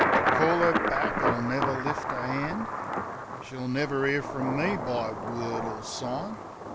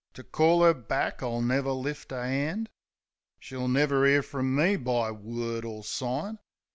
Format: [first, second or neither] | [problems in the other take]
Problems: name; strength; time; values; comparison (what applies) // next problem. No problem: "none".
second | background sound (Thunder); 1 dB above the speech